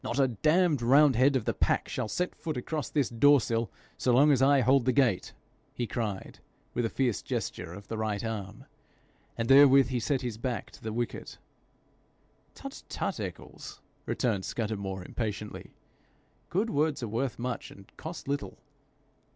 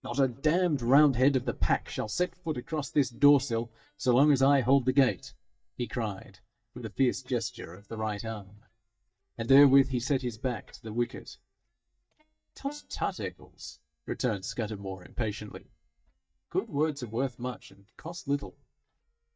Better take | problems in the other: first | noise reduction (neural mask model DeepFilterNet 3)

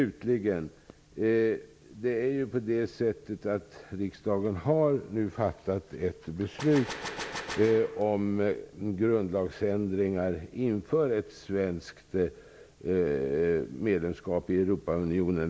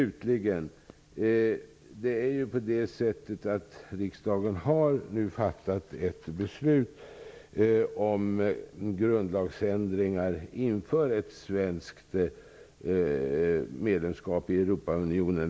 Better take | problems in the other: second | background sound (Gunshot, gunfire); 10 dB below the speech

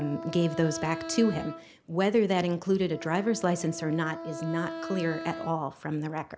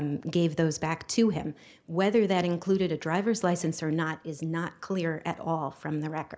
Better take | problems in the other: second | background sound (Wind instrument, woodwind instrument); 11 dB below the speech

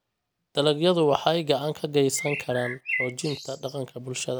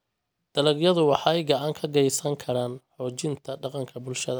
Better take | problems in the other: second | background sound (Bird); 8 dB below the speech

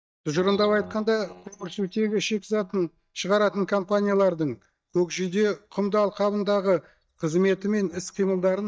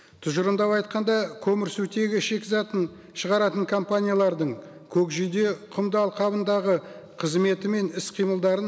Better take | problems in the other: second | noise reduction (neural mask model DeepFilterNet 3)

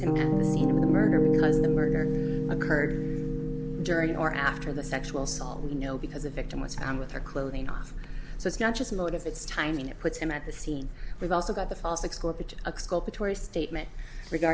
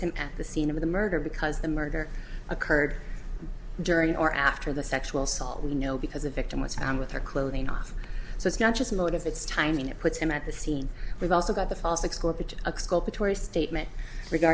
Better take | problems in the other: second | background sound (Piano); as loud as the speech

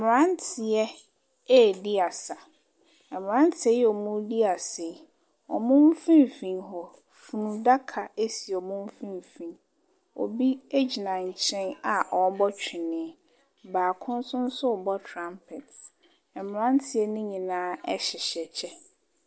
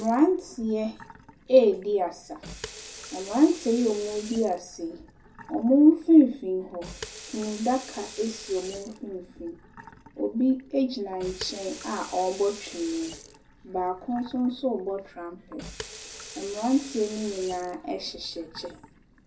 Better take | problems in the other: first | background sound (Sink (filling or washing) / Water tap, faucet); 18 dB below the speech // room echo; dies away in 0.4 s

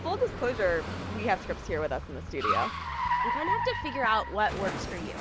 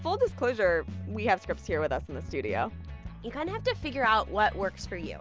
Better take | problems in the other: second | background sound (Car); 3 dB below the speech

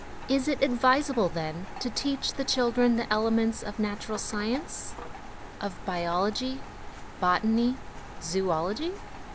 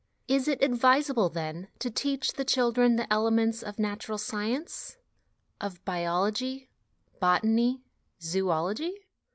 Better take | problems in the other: second | background sound (Rain); 11 dB below the speech

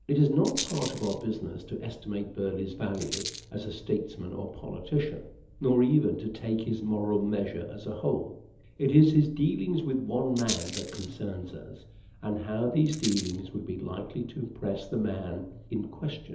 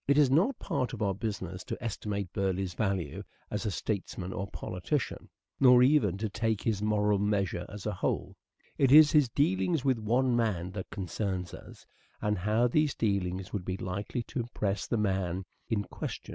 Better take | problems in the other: second | background sound (Rattle); 15 dB below the speech // room echo; dies away in 1.2 s

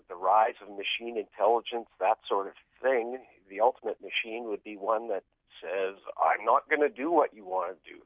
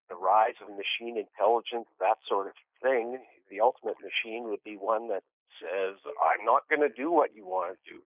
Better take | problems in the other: first | noise reduction (neural mask model Resemble Enhance denoiser)

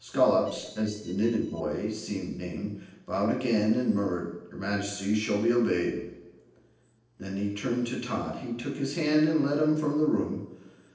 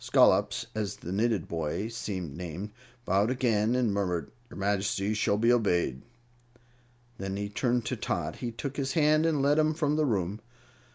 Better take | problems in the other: second | noise reduction (neural separator model SepFormer DNS4)

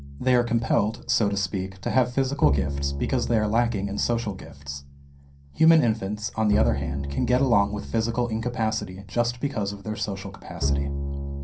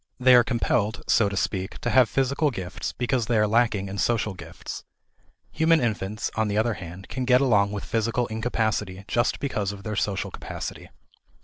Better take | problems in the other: second | background sound (Bowed string instrument); 6 dB below the speech // room echo; dies away in 0.3 s

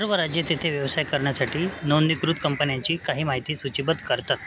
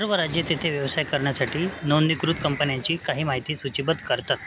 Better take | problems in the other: first | background sound (Splash, splatter); 19 dB below the speech

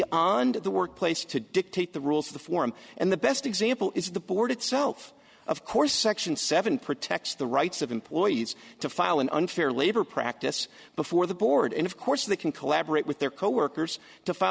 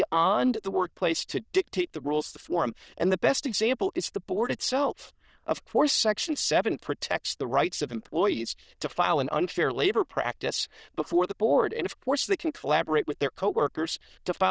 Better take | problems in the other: first | noise reduction (neural diffusion model UNIVERSE++)

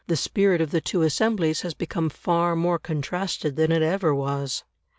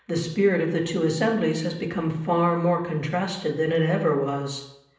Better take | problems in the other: first | room echo; dies away in 0.8 s

